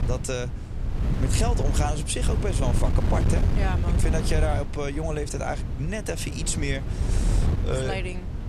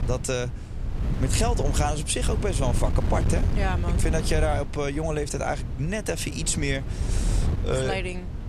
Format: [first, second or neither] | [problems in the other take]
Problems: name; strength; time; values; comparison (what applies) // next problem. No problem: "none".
second | wind noise on the microphone; heavy; 7 dB below the speech; occasional gusts in the second